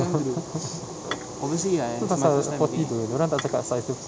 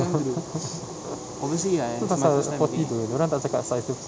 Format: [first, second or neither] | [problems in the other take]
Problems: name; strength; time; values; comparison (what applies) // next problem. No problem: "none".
second | background sound (Dishes, pots, and pans / Chink, clink); 12 dB below the speech